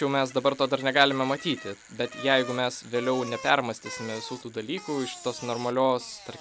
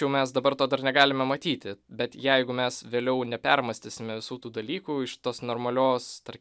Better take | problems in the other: second | background sound (Bicycle); 16 dB below the speech

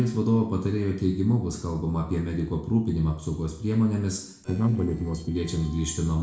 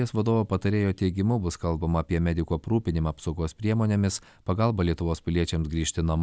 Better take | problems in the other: second | noise reduction (neural separator model SepFormer DNS4)

